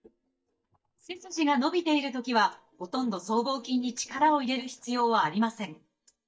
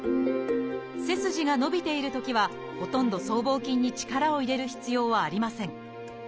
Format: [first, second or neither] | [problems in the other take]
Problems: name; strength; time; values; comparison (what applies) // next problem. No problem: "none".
second | noise reduction (neural mask model DeepFilterNet 3)